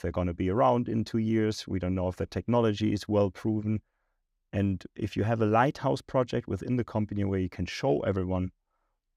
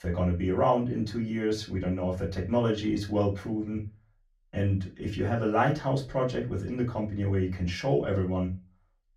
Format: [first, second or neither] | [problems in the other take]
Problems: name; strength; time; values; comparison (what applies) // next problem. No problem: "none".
first | off-mic speech; far // room echo; very slight; dies away in 0.2 s